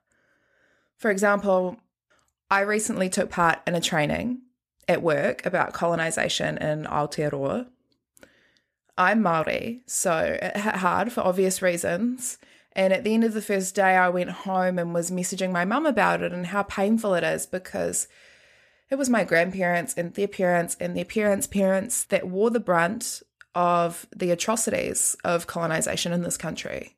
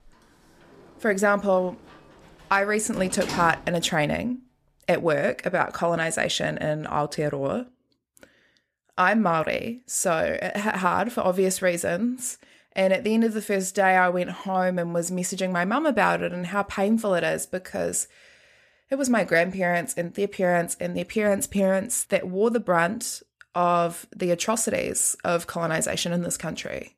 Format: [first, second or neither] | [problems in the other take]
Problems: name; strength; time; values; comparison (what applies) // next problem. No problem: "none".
first | door banging; noticeable; until 3.5 s; peak 8 dB below the speech